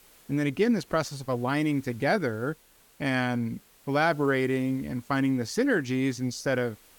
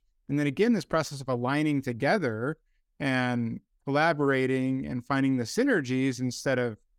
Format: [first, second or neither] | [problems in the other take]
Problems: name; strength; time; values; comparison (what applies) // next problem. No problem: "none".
second | hiss; faint; throughout; 30 dB below the speech